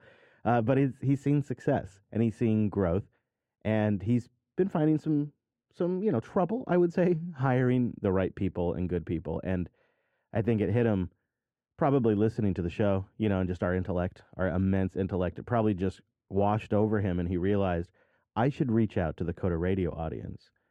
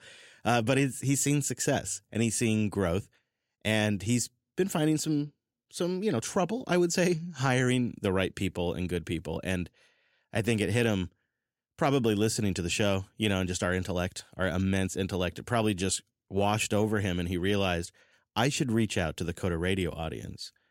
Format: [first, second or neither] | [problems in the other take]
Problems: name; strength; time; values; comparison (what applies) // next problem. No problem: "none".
second | muffled; very; fading above 3 kHz